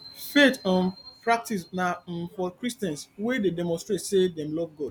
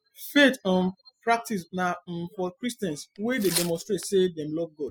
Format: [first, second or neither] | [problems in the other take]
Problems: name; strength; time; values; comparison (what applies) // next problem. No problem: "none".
first | noise reduction (classical method spectral subtraction)